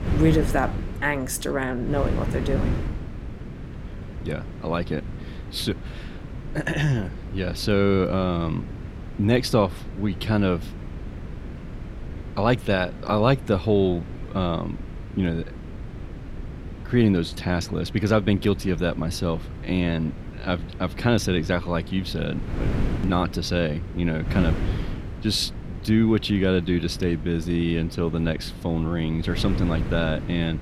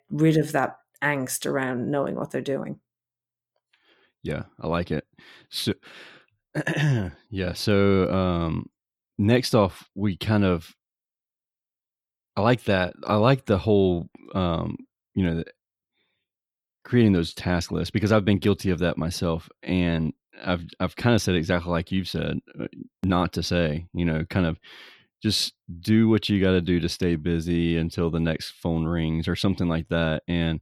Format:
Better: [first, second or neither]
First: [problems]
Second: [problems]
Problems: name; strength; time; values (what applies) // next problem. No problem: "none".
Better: second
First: wind noise on the microphone; occasional gusts; 15 dB below the speech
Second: none